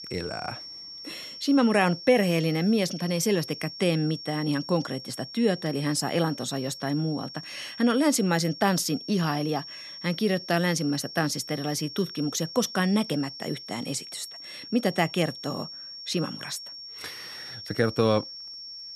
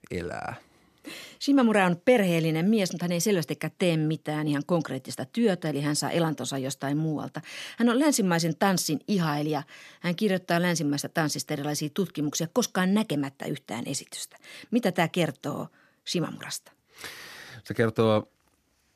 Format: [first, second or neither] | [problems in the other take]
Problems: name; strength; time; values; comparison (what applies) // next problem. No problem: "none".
second | high-pitched whine; noticeable; throughout; 5.5 kHz, 10 dB below the speech